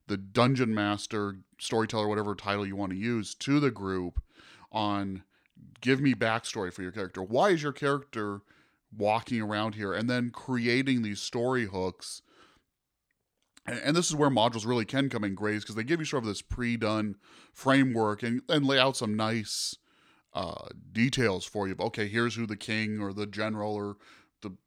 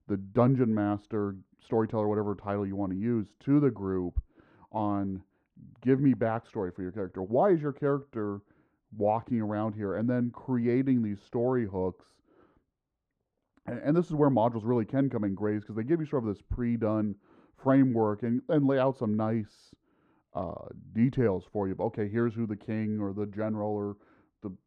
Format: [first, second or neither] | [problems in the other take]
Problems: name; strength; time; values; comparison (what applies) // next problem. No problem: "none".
first | muffled; very; fading above 2 kHz